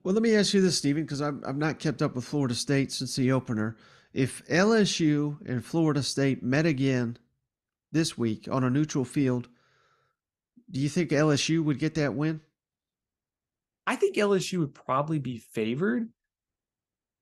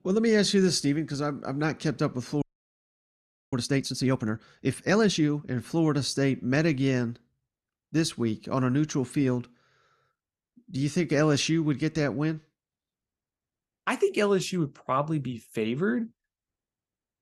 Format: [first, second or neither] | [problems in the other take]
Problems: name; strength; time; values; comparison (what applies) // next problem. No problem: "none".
first | audio freezing; at 2.5 s for 1 s